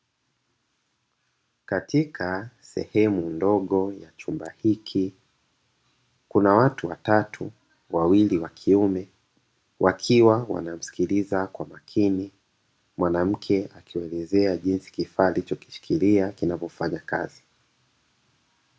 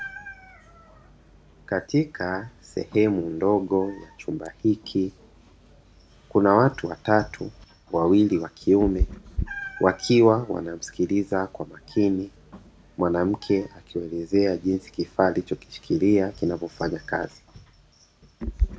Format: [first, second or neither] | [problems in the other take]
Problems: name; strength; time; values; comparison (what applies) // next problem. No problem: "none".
first | background sound (Meow); 13 dB below the speech